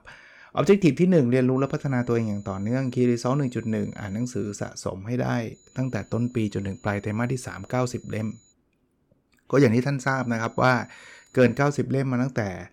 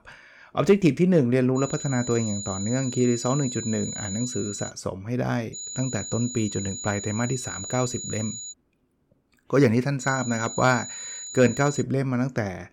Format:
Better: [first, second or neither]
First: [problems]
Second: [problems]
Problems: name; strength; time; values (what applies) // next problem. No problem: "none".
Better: first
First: high-pitched whine; faint; from 1.5 to 4.5 s, from 5.5 to 8.5 s and from 10 to 12 s; 7 kHz, 30 dB below the speech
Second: high-pitched whine; loud; from 1.5 to 4.5 s, from 5.5 to 8.5 s and from 10 to 12 s; 7 kHz, 8 dB below the speech